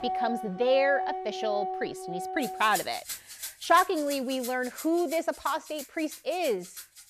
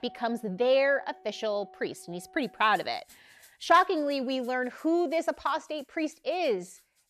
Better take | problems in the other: second | background music; loud; throughout; 8 dB below the speech; faint in the second

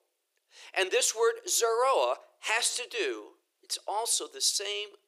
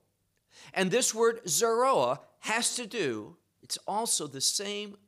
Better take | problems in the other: second | thin; very; fading below 350 Hz

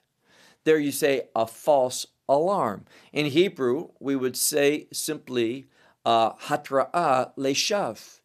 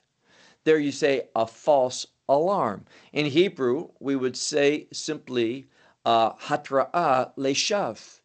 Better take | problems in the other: first | garbled, watery; slightly; nothing above 8 kHz

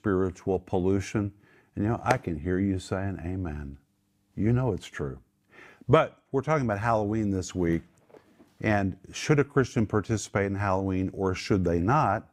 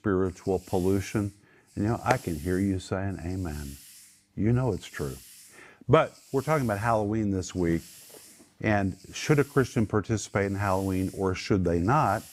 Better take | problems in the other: first | hiss; faint; throughout; 20 dB below the speech

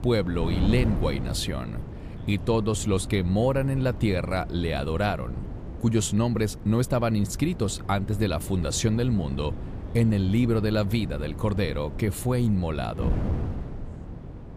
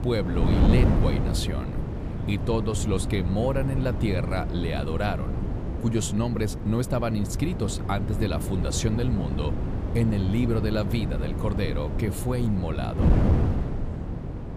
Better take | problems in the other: first | wind noise on the microphone; heavy; 5 dB below the speech; occasional gusts in the first

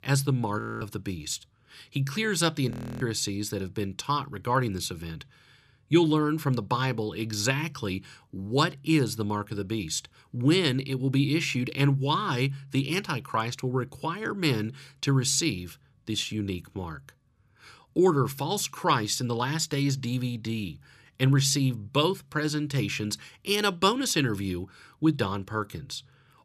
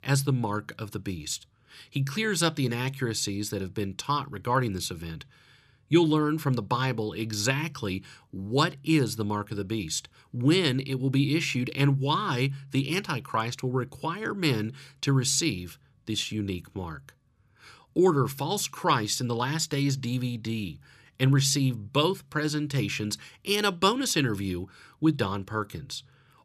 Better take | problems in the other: second | audio freezing; at 0.5 s and at 2.5 s

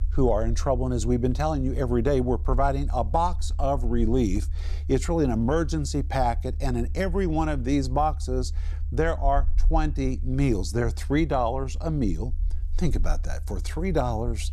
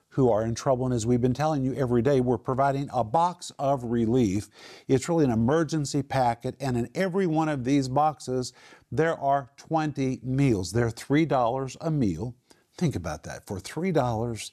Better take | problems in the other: second | low rumble; faint; throughout; 25 dB below the speech

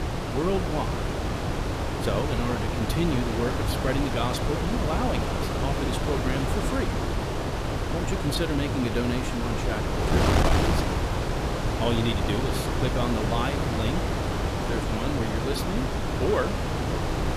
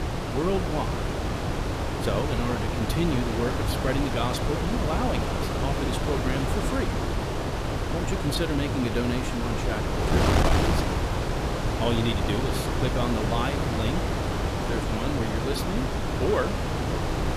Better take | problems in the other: neither | wind noise on the microphone; heavy; 2 dB above the speech; the same in both

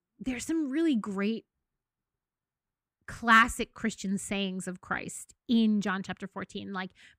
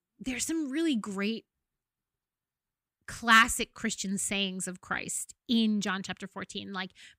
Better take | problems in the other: second | muffled; very slightly; fading above 2.5 kHz

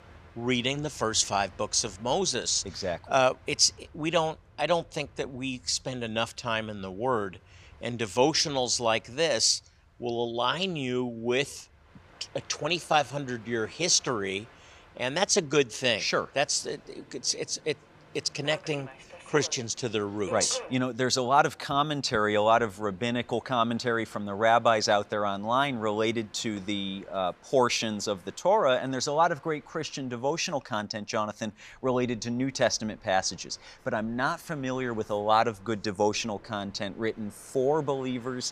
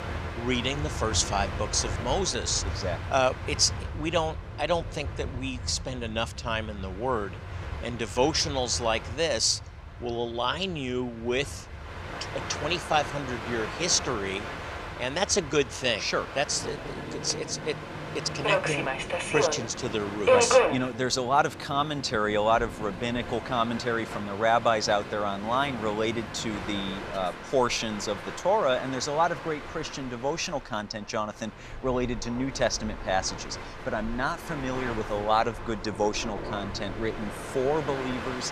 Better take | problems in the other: first | train or aircraft noise; loud; throughout; 6 dB below the speech; faint in the first

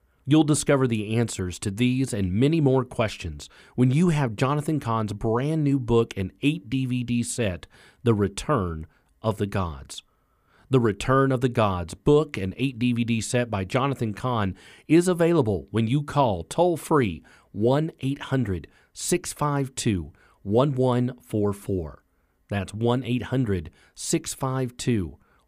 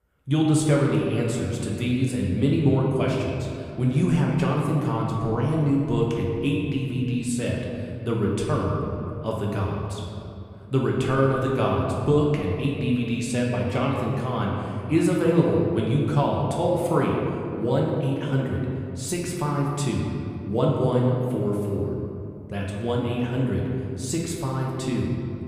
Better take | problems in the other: first | room echo; noticeable; dies away in 2.4 s // off-mic speech; somewhat distant

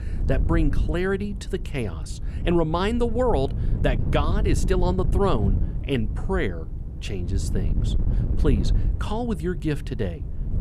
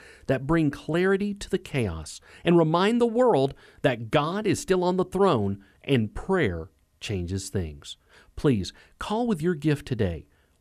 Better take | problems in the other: second | wind noise on the microphone; occasional gusts; 15 dB below the speech

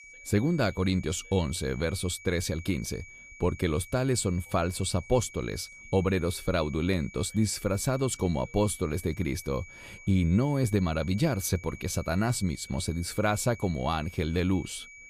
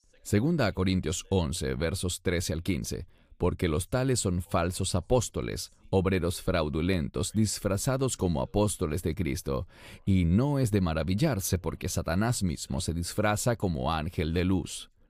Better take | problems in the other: second | high-pitched whine; noticeable; throughout; 2.5 kHz, 20 dB below the speech

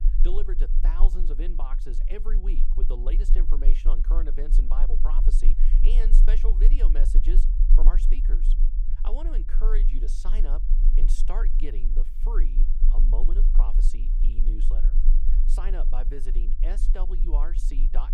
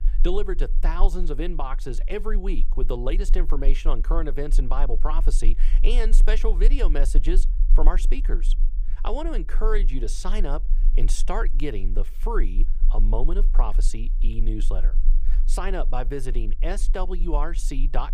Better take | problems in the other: second | low rumble; loud; throughout; 9 dB below the speech; faint in the second

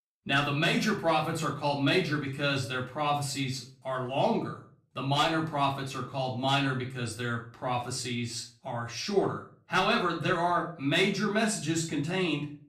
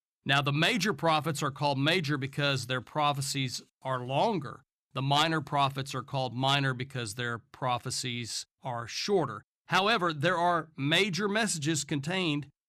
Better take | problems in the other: second | off-mic speech; far // room echo; slight; dies away in 0.4 s

